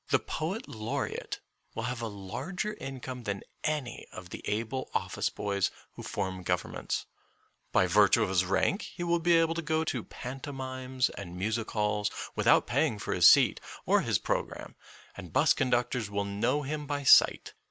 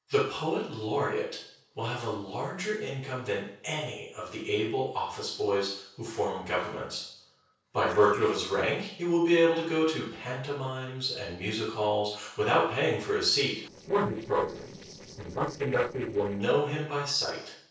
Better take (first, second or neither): first